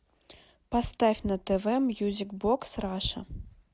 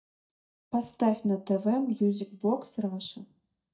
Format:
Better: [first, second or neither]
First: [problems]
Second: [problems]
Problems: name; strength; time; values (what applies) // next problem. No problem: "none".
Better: first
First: none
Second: noise reduction (neural mask model DeepFilterNet 3)